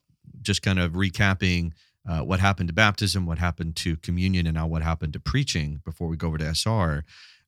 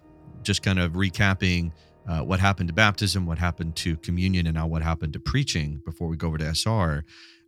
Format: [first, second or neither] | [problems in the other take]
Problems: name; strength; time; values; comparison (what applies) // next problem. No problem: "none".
first | background music; faint; throughout; 25 dB below the speech